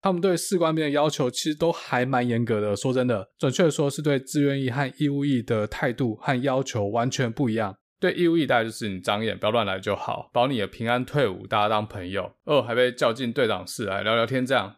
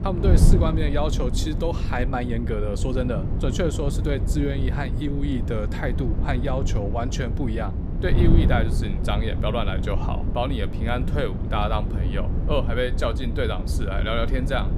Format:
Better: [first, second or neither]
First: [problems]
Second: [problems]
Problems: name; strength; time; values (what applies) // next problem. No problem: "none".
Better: first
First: none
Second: wind noise on the microphone; heavy; 8 dB below the speech